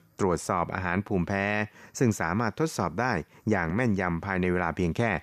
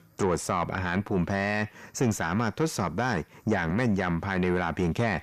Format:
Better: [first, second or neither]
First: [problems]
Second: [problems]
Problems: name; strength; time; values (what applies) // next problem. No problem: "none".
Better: first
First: none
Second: distortion; slight; 10 dB below the speech